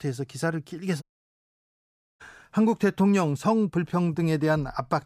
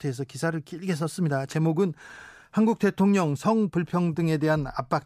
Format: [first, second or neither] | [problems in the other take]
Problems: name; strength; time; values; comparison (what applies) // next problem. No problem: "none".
second | audio cutting out; at 1 s for 1 s